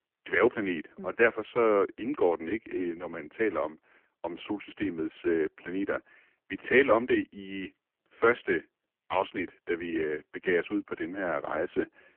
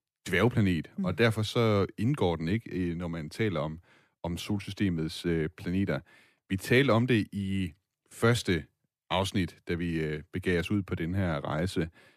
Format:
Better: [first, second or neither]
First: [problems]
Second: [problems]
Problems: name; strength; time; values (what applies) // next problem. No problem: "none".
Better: second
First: phone-call audio; poor line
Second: none